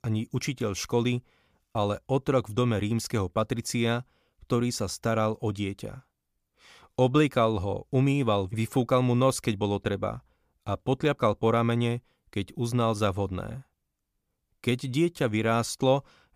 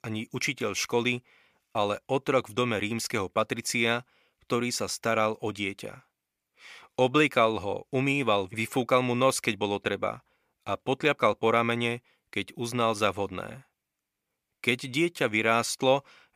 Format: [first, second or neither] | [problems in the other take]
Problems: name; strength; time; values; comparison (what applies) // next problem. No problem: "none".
first | thin; very slightly; fading below 750 Hz